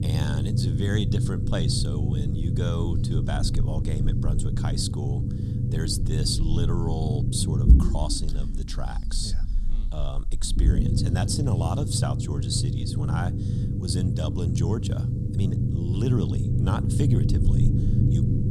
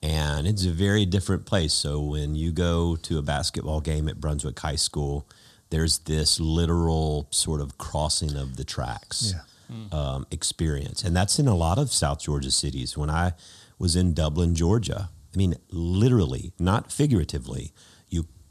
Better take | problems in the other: second | low rumble; loud; throughout; 3 dB below the speech

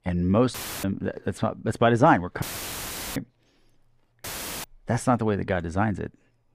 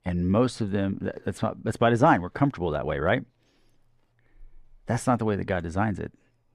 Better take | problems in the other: second | audio cutting out; filled with static; at 0.5 s, at 2.5 s for 0.5 s and at 4 s

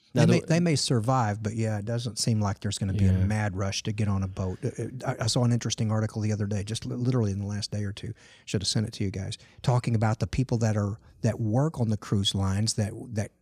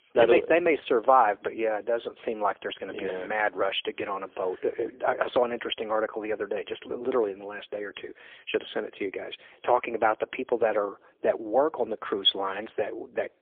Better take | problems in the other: first | phone-call audio; poor line; nothing above 3.5 kHz

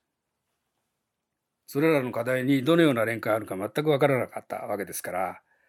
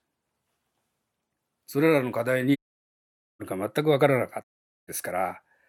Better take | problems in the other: first | audio cutting out; at 2.5 s for 1 s and at 4.5 s

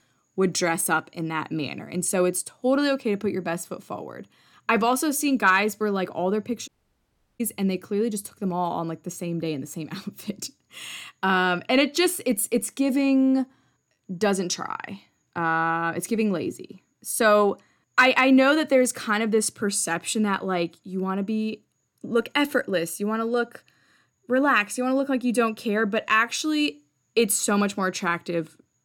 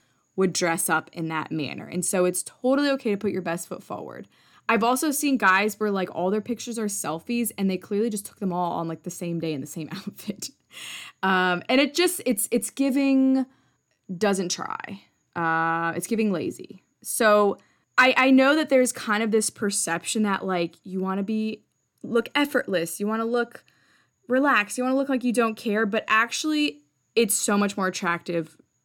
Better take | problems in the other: second | audio cutting out; at 6.5 s for 0.5 s

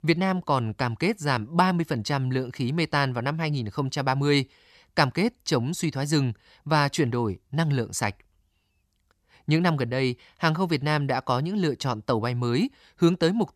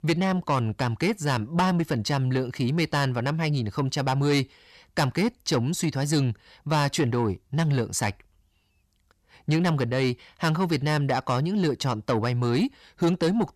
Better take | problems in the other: first | distortion; slight; 10 dB below the speech

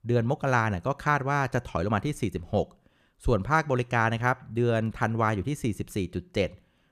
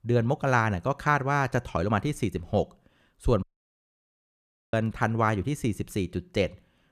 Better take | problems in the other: first | audio cutting out; at 3.5 s for 1.5 s

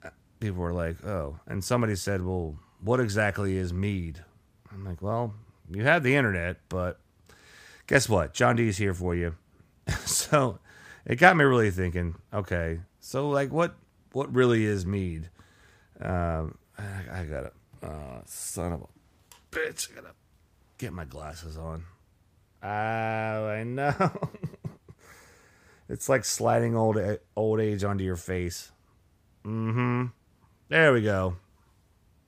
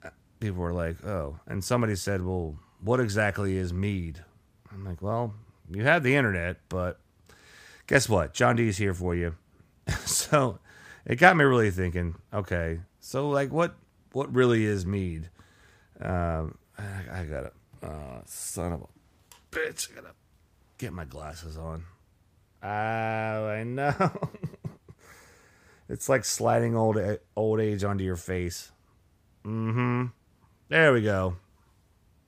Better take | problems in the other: neither | none

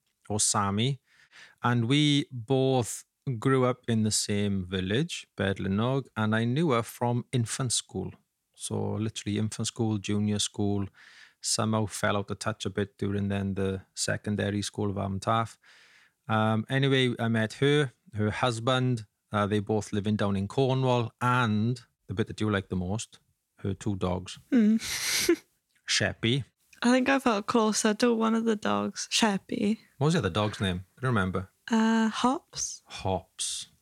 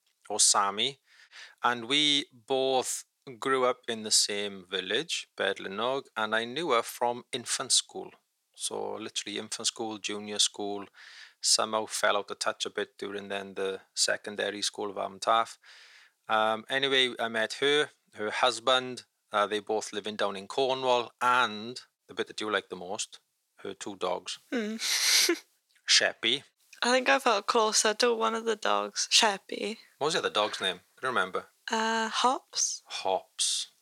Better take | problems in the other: first | thin; very; fading below 550 Hz

